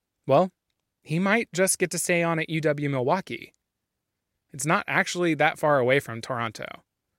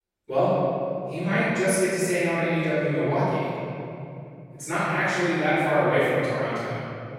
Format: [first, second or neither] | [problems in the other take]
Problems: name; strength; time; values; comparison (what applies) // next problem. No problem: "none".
first | off-mic speech; far // room echo; strong; dies away in 3 s